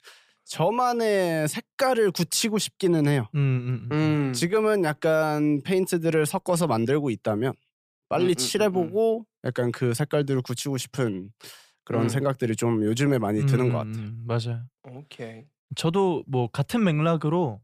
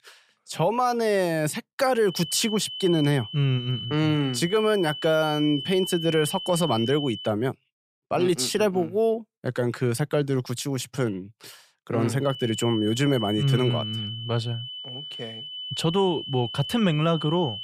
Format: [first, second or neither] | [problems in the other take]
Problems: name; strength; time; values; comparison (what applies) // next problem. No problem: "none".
first | high-pitched whine; loud; from 2 to 7.5 s and from 12 s on; 3 kHz, 9 dB below the speech